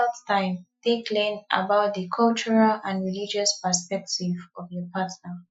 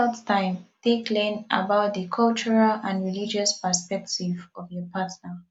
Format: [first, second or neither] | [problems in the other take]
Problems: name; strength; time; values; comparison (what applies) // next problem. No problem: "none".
second | noise reduction (classical method Wiener filter)